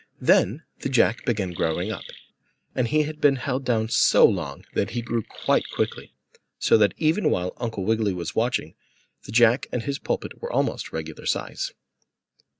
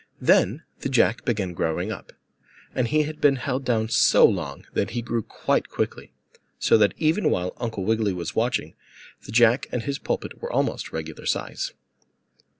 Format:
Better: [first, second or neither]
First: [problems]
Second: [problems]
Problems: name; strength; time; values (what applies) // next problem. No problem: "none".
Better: second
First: noise reduction (neural mask model RNNoise)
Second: none